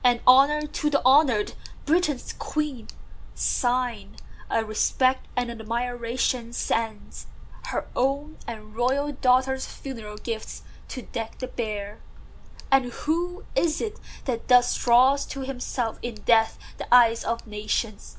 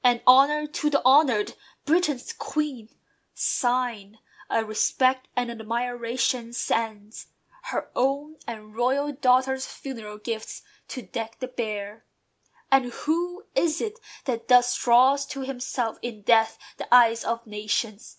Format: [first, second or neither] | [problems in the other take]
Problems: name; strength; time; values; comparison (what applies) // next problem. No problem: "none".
second | background sound (Tick); 12 dB below the speech